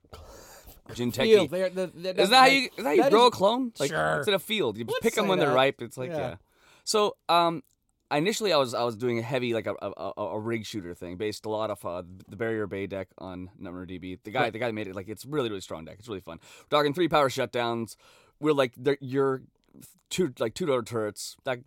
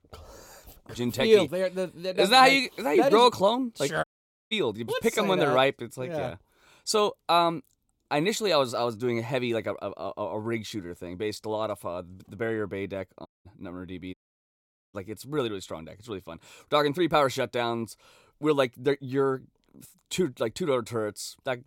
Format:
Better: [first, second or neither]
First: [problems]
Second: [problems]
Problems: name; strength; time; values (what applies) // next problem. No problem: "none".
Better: first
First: none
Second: audio cutting out; at 4 s, at 13 s and at 14 s for 1 s